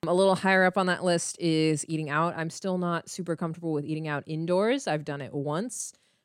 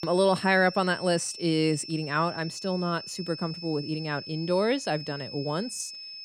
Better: first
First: none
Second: high-pitched whine; noticeable; throughout; 5.5 kHz, 10 dB below the speech

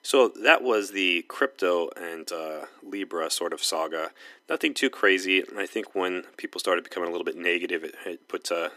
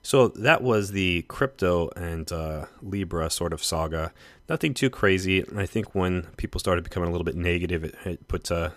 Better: second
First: thin; somewhat; fading below 300 Hz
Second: none

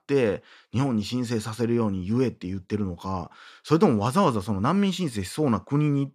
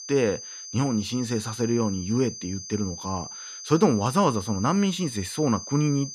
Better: first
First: none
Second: high-pitched whine; noticeable; throughout; 6 kHz, 10 dB below the speech

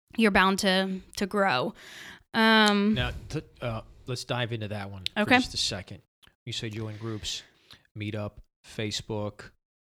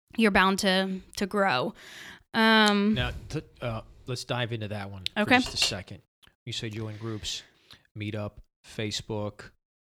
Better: first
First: none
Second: clattering dishes; noticeable; at 5.5 s; peak 3 dB below the speech

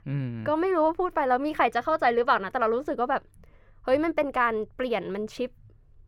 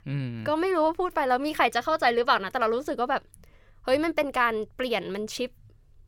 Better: second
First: muffled; slightly; fading above 2.5 kHz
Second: none

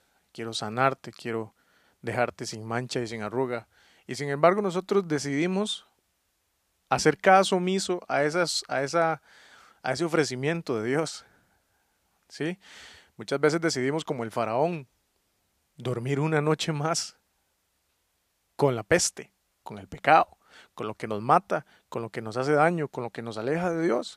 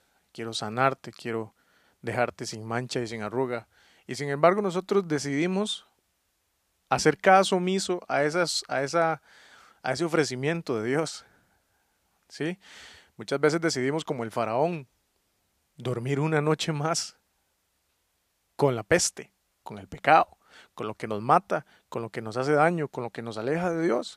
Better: neither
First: none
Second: none

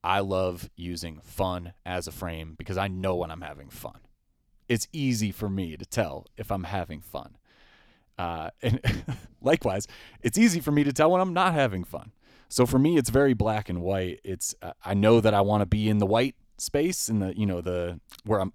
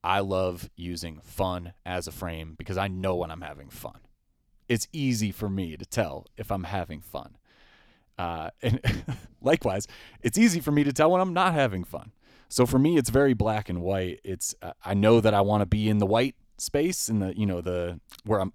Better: neither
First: none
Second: none

